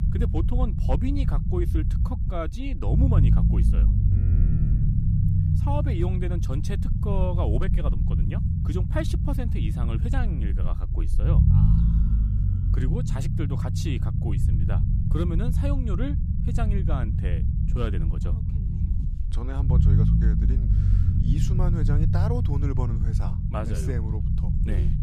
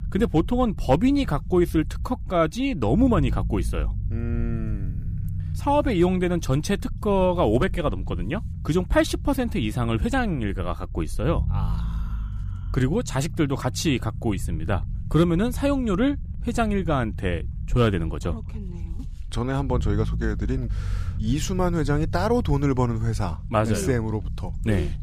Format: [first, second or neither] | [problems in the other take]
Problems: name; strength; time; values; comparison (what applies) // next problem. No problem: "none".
second | low rumble; loud; throughout; 2 dB below the speech; faint in the second